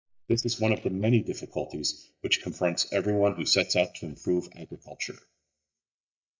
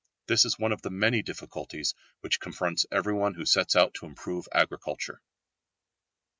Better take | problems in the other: second | noise reduction (neural mask model DeepFilterNet 3)

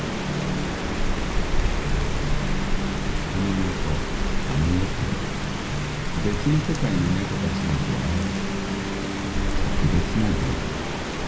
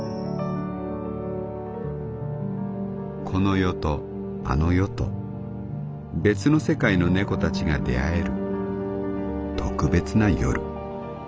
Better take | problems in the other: second | background sound (Rain); 2 dB above the speech // room echo; dies away in 0.5 s

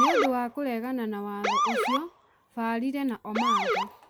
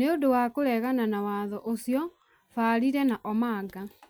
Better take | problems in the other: second | background sound (Motor vehicle (road) / Siren); 2 dB above the speech

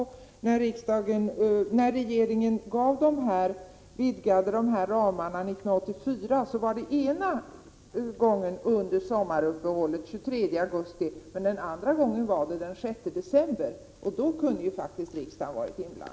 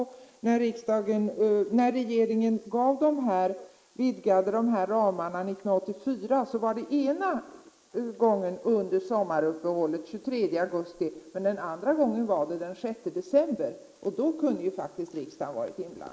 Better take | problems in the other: first | noise reduction (neural mask model Resemble Enhance denoiser)

